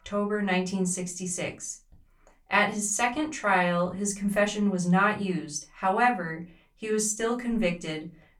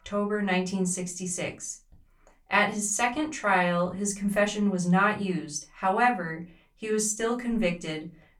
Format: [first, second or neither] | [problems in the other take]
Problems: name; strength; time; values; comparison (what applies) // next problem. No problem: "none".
neither | off-mic speech; far; the same in both // room echo; very slight; dies away in 0.2 s; the same in both